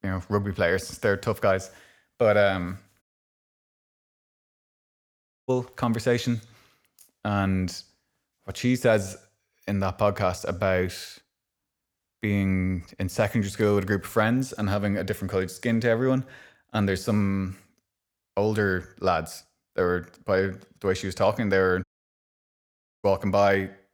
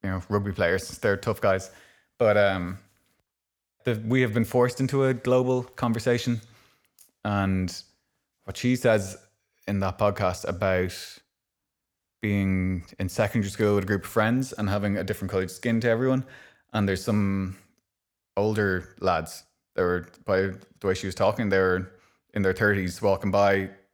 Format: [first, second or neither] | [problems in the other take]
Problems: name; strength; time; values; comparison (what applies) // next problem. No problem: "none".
second | audio cutting out; at 3 s for 2.5 s and at 22 s for 1 s